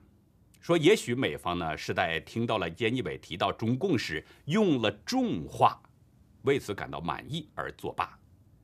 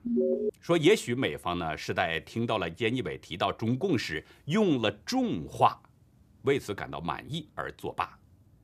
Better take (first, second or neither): first